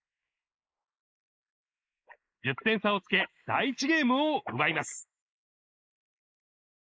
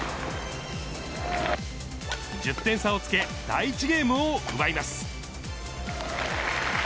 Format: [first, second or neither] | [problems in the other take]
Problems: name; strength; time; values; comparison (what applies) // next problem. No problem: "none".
second | noise reduction (neural mask model Resemble Enhance denoiser)